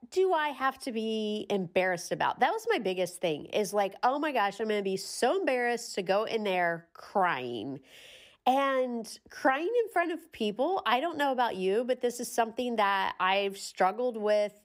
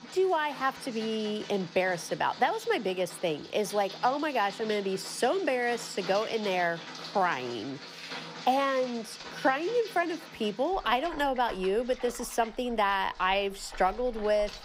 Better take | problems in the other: first | rain or running water; noticeable; throughout; 15 dB below the speech

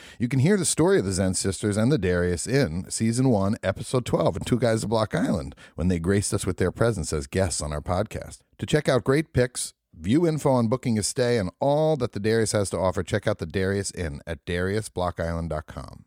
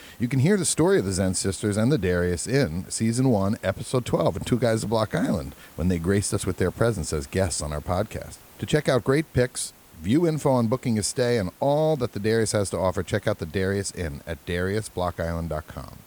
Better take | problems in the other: first | hiss; faint; throughout; 25 dB below the speech

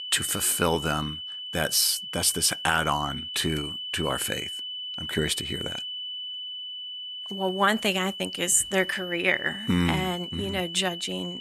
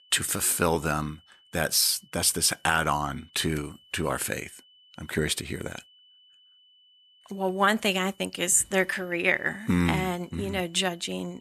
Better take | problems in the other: second | high-pitched whine; loud; throughout; 3 kHz, 8 dB below the speech; faint in the second

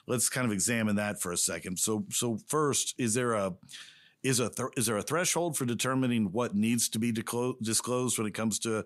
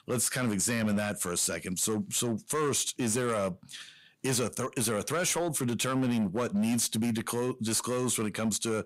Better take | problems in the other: first | distortion; slight; 11% of the sound clipped

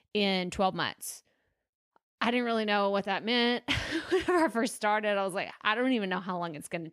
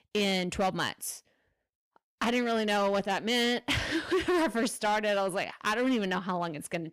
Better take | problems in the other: first | distortion; slight; 10% of the sound clipped

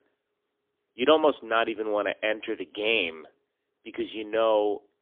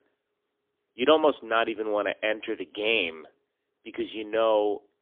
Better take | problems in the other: neither | phone-call audio; poor line; nothing above 3.5 kHz; the same in both

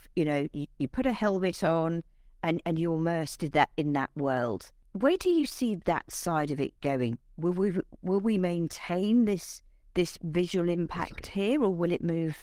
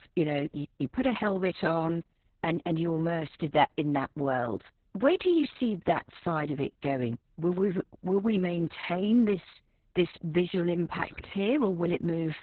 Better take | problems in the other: first | garbled, watery; badly; nothing above 4 kHz; slightly in the first

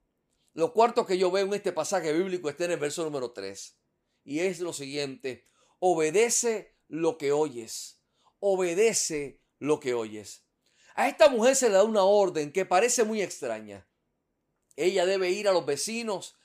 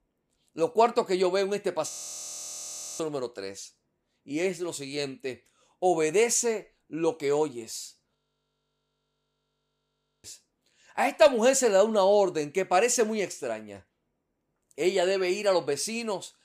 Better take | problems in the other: first | audio freezing; at 2 s for 1 s and at 8 s for 2 s

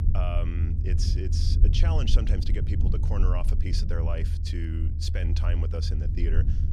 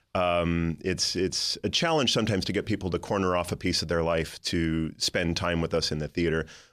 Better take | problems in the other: second | low rumble; loud; throughout; 5 dB below the speech

